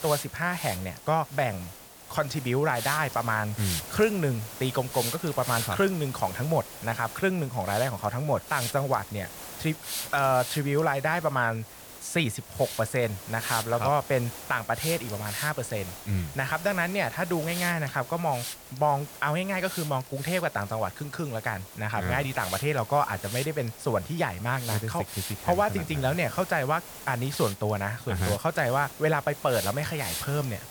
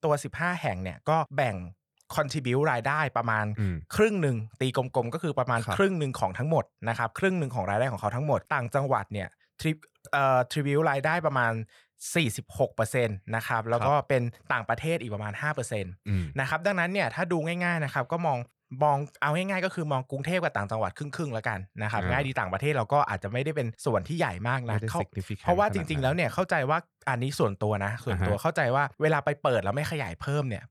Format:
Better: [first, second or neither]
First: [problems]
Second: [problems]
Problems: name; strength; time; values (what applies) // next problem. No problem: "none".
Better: second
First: hiss; loud; throughout; 9 dB below the speech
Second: none